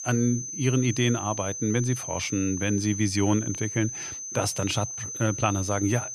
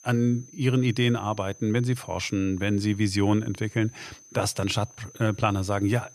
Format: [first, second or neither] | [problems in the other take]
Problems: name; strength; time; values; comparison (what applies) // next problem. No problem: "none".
second | high-pitched whine; loud; throughout; 6 kHz, 6 dB below the speech; faint in the second